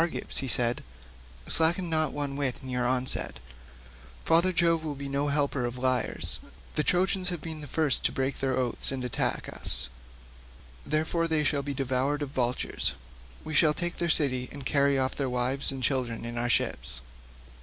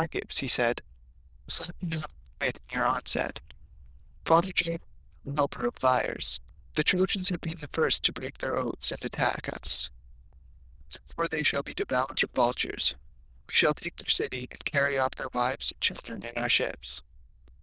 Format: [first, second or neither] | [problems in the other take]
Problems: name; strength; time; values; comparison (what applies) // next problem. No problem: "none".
first | noise reduction (neural diffusion model UNIVERSE++)